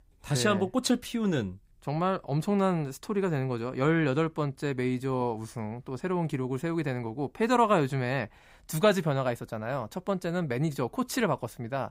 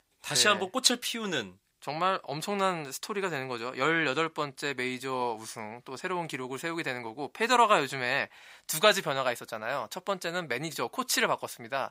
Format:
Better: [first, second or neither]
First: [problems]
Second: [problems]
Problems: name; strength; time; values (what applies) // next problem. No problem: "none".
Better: first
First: none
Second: thin; somewhat; fading below 1 kHz